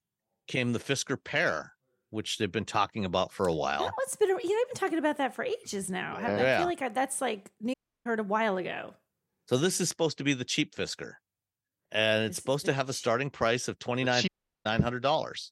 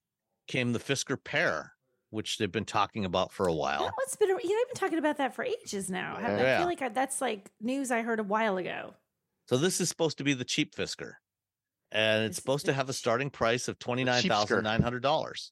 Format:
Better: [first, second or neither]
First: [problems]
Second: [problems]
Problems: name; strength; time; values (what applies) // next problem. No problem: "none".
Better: second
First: audio cutting out; at 7.5 s and at 14 s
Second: none